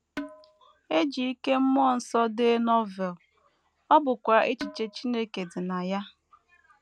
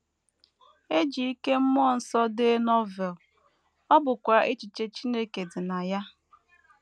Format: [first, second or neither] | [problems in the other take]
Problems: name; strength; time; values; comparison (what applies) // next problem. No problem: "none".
second | background sound (Percussion); 13 dB below the speech